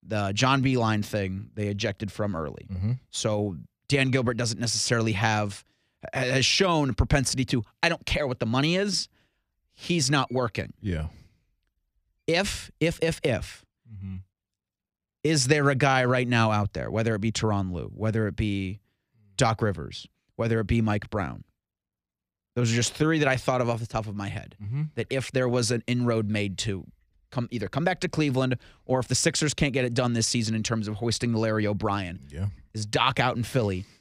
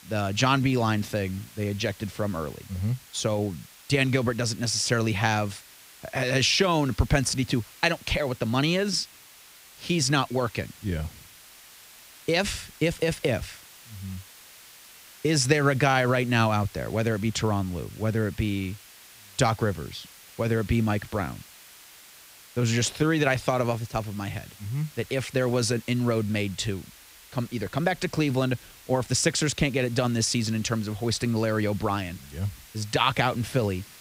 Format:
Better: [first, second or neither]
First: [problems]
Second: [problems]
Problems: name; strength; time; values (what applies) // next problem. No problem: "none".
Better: first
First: none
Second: hiss; faint; throughout; 20 dB below the speech